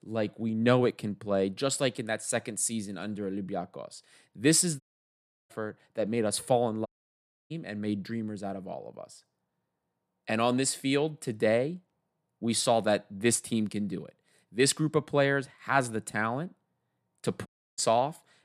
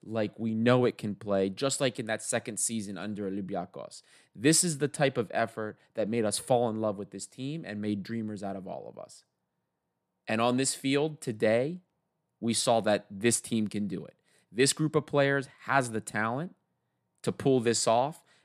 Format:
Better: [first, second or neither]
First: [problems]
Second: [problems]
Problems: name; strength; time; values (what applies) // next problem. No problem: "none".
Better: second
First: audio cutting out; at 5 s for 0.5 s, at 7 s for 0.5 s and at 17 s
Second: none